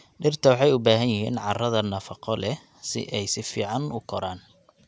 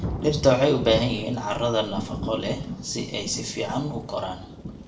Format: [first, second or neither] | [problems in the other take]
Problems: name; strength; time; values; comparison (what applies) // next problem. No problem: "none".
first | background sound (Thunder / Rain); 8 dB below the speech // room echo; dies away in 0.6 s